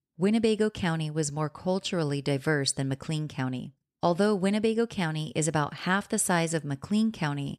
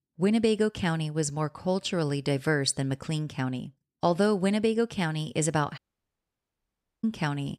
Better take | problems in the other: first | audio cutting out; at 6 s for 1.5 s

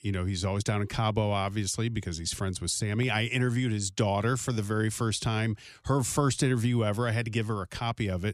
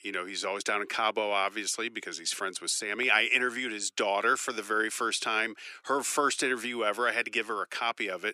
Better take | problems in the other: first | thin; very; fading below 350 Hz

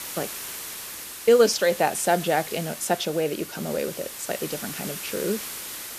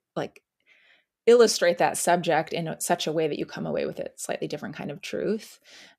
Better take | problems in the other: second | hiss; loud; throughout; 9 dB below the speech

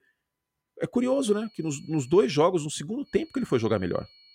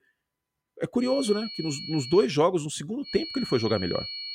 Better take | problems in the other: first | high-pitched whine; loud; from 1 to 2 s and from 3 s on; 4.5 kHz, 9 dB below the speech; faint in the first

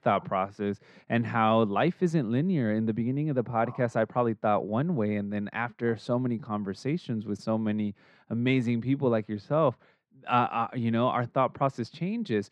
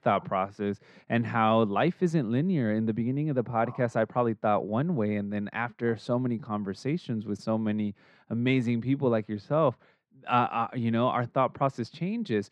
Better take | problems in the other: neither | muffled; very; fading above 2 kHz; the same in both

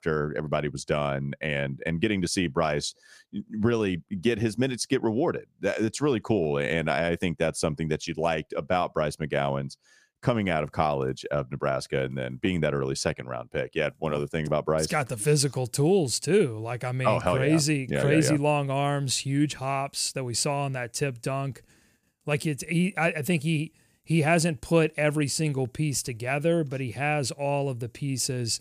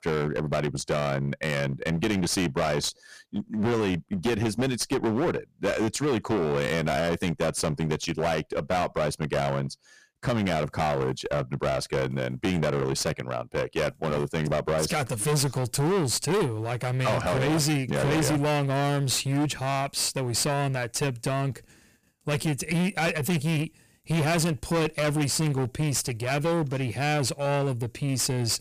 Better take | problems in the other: first | distortion; heavy; 23% of the sound clipped

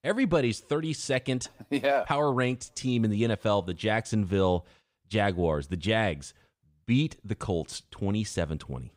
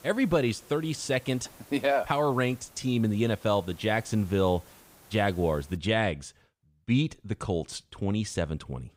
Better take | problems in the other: first | hiss; faint; until 6 s; 25 dB below the speech

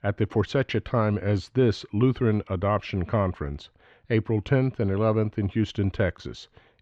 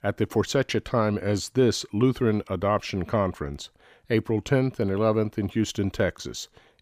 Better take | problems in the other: second | muffled; slightly; fading above 3 kHz

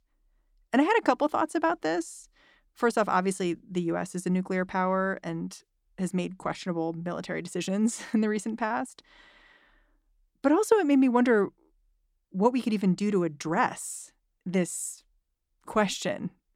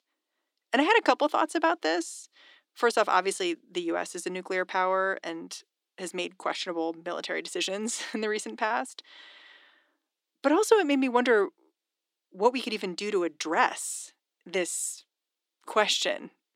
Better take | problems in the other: first | thin; somewhat; fading below 300 Hz

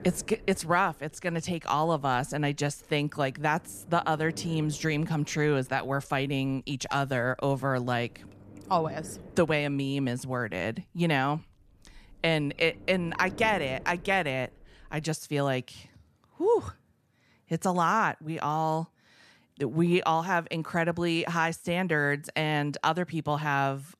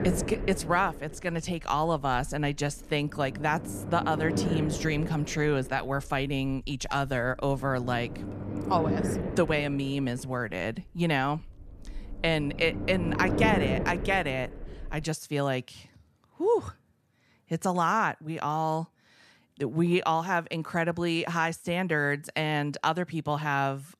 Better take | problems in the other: first | low rumble; loud; until 15 s; 9 dB below the speech; faint in the first

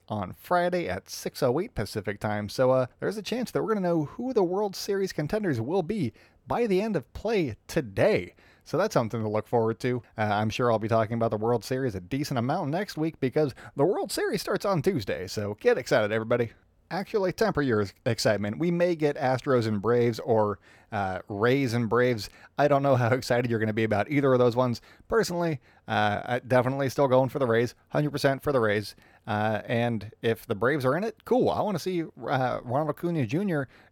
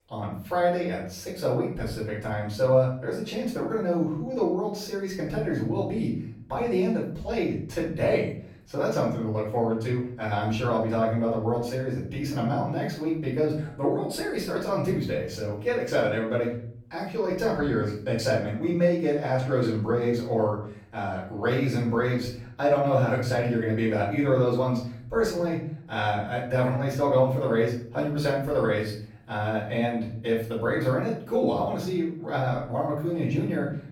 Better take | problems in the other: first | off-mic speech; far // room echo; noticeable; dies away in 0.6 s

